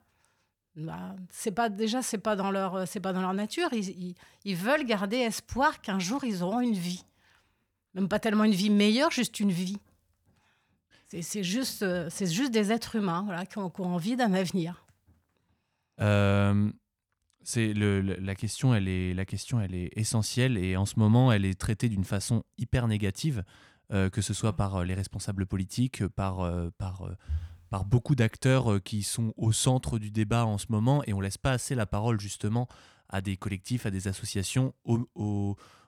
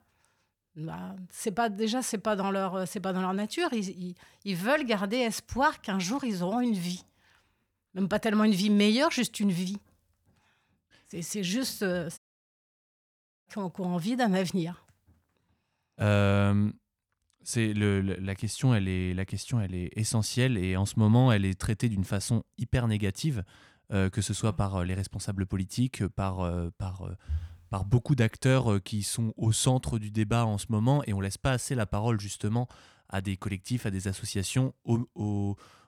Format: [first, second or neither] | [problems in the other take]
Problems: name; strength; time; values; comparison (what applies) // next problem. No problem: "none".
first | audio cutting out; at 12 s for 1.5 s